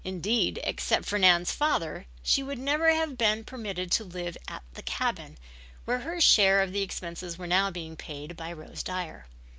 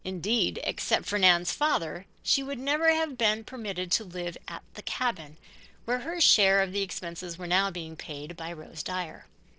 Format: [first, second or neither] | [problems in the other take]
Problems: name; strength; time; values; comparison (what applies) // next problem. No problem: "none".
first | noise reduction (neural separator model SepFormer DNS4)